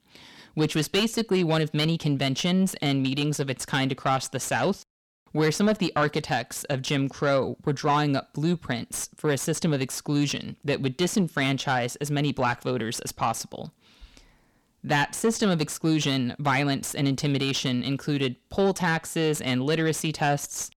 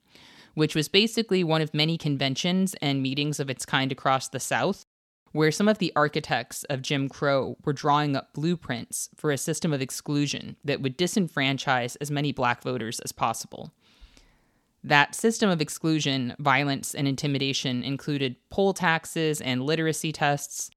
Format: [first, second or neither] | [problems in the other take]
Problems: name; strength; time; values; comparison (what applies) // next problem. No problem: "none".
second | distortion; slight; 10 dB below the speech